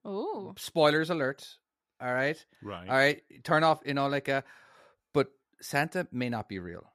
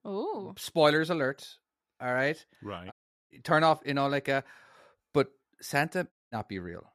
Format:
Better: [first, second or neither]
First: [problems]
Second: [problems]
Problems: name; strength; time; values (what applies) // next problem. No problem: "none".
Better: first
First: none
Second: audio cutting out; at 3 s and at 6 s